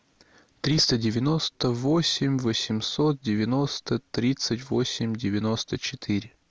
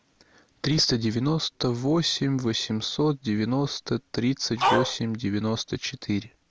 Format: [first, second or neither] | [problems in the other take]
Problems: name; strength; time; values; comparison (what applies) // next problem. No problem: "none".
first | background sound (Dog); 3 dB above the speech